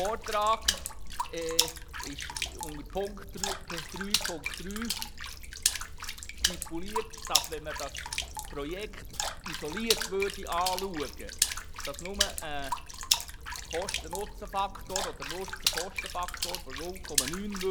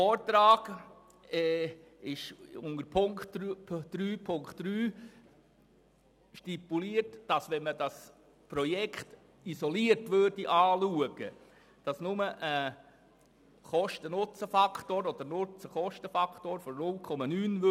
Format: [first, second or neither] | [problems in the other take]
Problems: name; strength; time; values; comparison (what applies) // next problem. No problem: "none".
second | background sound (Water / Splash, splatter); 3 dB above the speech